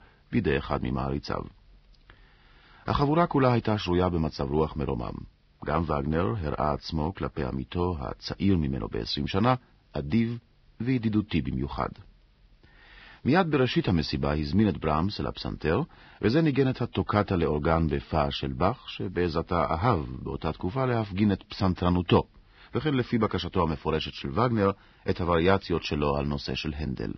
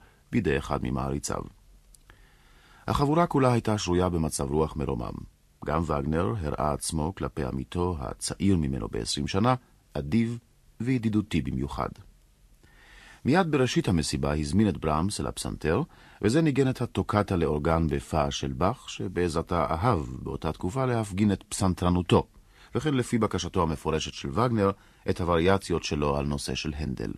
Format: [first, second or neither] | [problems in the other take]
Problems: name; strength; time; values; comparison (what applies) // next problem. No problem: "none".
second | garbled, watery; badly; nothing above 5.5 kHz; slightly in the second